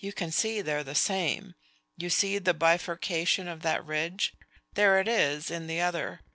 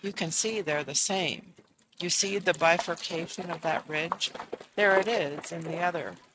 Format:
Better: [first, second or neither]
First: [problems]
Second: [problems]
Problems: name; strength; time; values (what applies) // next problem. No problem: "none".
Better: first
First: none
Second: noise reduction (neural mask model RNNoise)